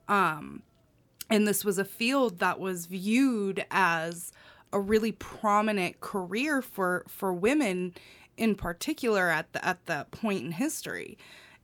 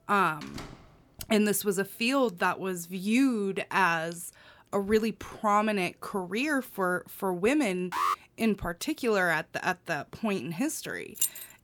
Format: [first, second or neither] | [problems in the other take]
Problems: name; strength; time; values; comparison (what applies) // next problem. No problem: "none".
first | door banging; faint; at 0.5 s; peak 15 dB below the speech // alarm; noticeable; at 8 s; peak 1 dB below the speech // jangling keys; noticeable; at 11 s; peak 1 dB below the speech